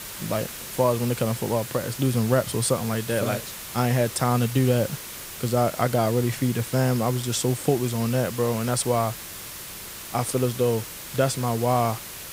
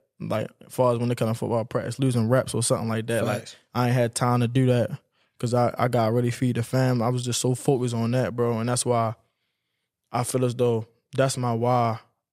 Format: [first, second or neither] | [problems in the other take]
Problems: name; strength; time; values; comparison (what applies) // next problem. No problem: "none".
second | hiss; noticeable; throughout; 10 dB below the speech